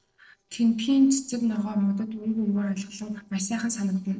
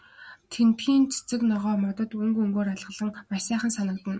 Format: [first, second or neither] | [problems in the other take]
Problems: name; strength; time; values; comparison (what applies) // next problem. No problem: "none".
second | noise reduction (neural separator model SepFormer DNS4)